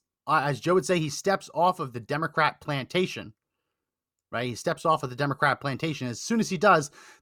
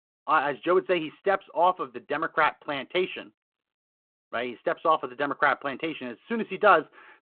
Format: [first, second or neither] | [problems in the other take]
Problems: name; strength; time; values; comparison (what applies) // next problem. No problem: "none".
first | phone-call audio